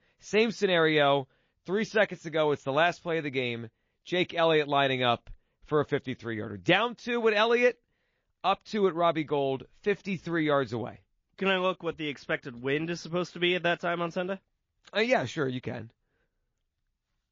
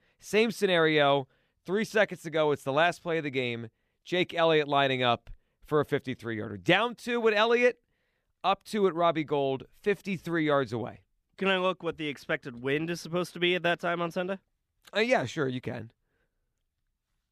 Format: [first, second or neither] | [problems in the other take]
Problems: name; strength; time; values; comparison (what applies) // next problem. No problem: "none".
second | garbled, watery; slightly; nothing above 6.5 kHz